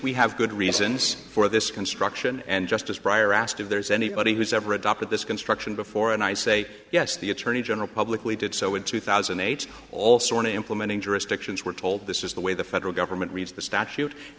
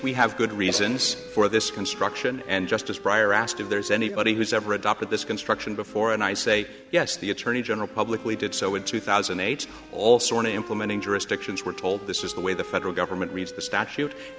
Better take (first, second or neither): first